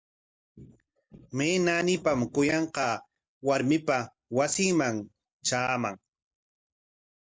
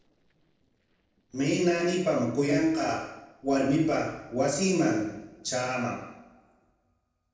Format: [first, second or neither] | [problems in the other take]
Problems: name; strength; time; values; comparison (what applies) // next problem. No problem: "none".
first | noise reduction (neural separator model SepFormer DNS4)